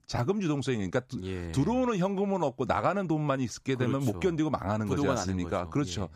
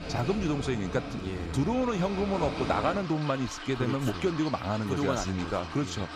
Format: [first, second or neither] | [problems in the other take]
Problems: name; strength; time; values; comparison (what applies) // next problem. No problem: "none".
first | rain or running water; loud; throughout; 8 dB below the speech